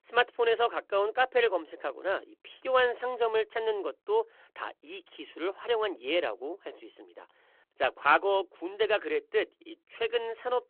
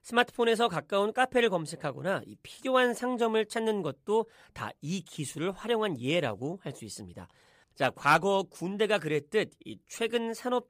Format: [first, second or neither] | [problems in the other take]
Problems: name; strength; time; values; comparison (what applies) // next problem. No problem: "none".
second | phone-call audio